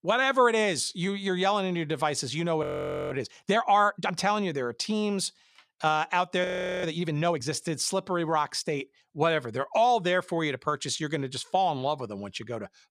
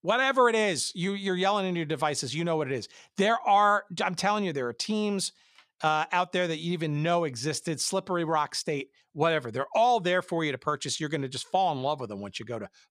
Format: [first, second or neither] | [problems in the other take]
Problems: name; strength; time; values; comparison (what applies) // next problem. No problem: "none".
second | audio freezing; at 2.5 s and at 6.5 s